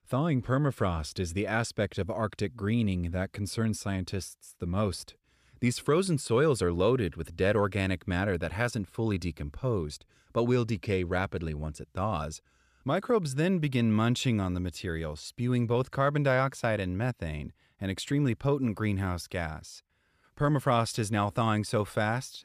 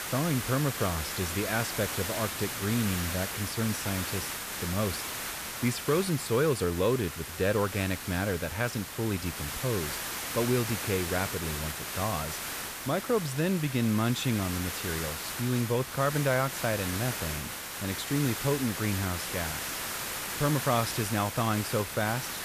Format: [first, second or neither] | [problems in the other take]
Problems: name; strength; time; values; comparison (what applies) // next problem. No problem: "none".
first | hiss; loud; throughout; 4 dB below the speech